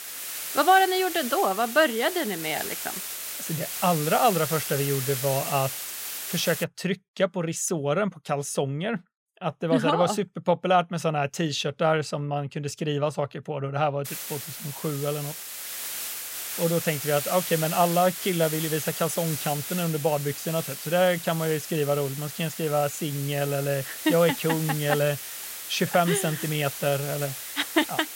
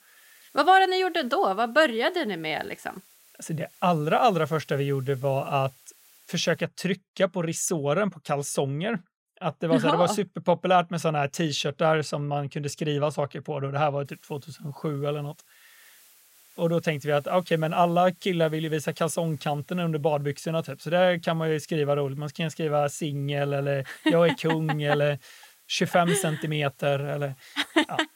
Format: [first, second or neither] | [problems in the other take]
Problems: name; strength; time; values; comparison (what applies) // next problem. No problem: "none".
second | hiss; loud; until 6.5 s and from 14 s on; 6 dB below the speech; faint in the second